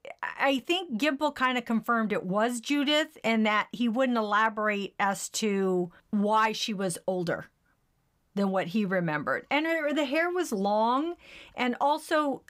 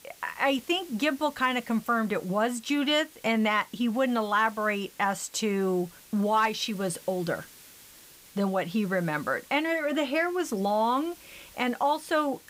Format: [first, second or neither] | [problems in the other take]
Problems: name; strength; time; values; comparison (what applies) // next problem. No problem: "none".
first | hiss; faint; throughout; 20 dB below the speech